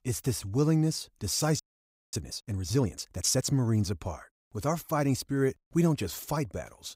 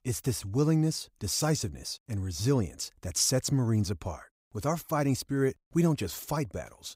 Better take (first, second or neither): second